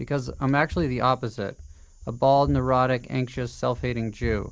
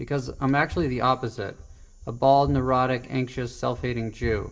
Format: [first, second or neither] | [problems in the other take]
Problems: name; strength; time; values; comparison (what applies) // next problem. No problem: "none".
first | room echo; dies away in 0.4 s